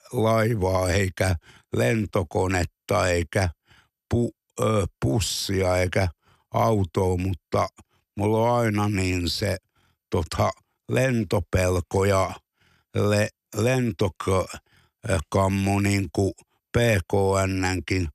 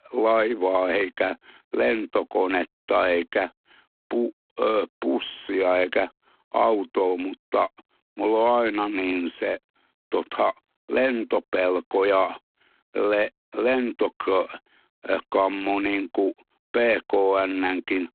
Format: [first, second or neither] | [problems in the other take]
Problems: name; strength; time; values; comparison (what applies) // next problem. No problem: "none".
first | phone-call audio; poor line; nothing above 4 kHz